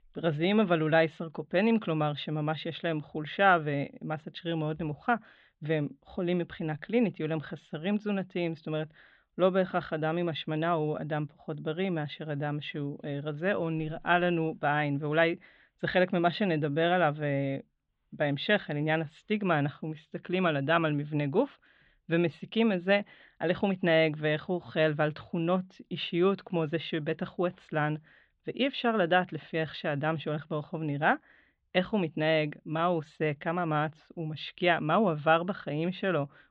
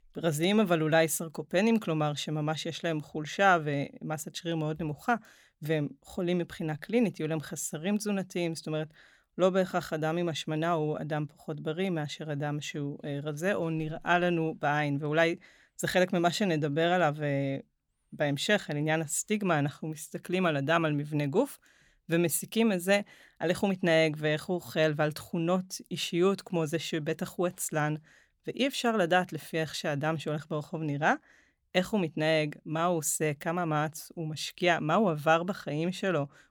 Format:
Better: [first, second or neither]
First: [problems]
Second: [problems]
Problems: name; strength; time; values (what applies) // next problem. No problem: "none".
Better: second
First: muffled; very; fading above 3.5 kHz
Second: none